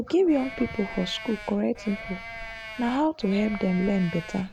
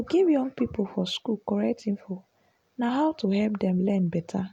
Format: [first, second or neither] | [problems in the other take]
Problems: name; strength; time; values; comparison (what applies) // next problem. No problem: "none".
second | background sound (Livestock, farm animals, working animals); 12 dB below the speech